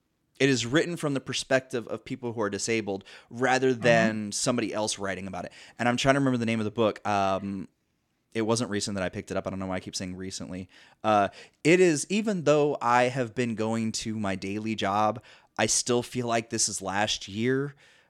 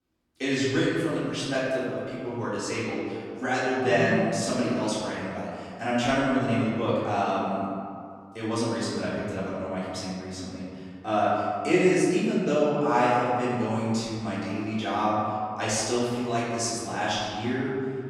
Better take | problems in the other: first | off-mic speech; far // room echo; strong; dies away in 2.1 s

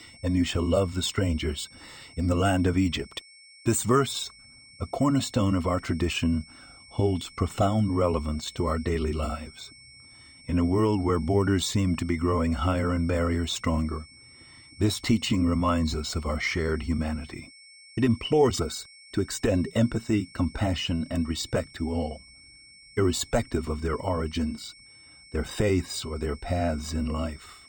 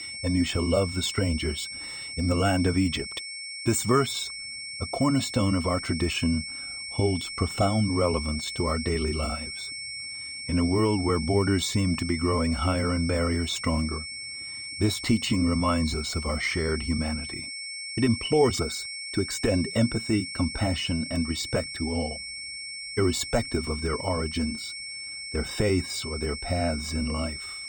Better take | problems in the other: first | high-pitched whine; loud; throughout; 2 kHz, 7 dB below the speech; faint in the first

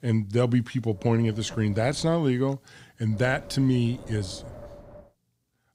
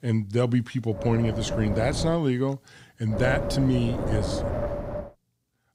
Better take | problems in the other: first | wind noise on the microphone; heavy; from 1 to 2 s and from 3 to 5 s; 3 dB below the speech; occasional gusts in the first

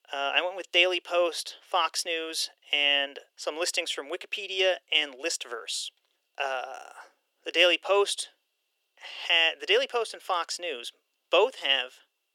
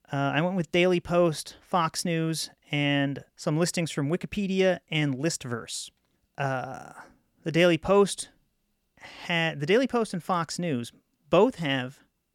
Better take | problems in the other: second | thin; very; fading below 400 Hz

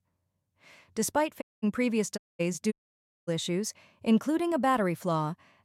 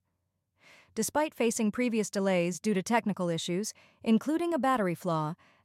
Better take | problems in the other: second | audio cutting out; at 1.5 s, at 2 s and at 2.5 s for 0.5 s

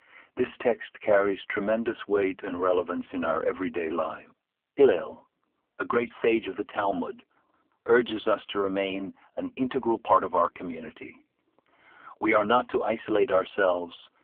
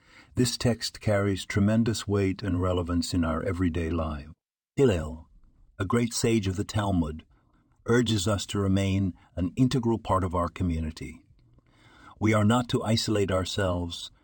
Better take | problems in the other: second | phone-call audio; poor line; nothing above 3.5 kHz

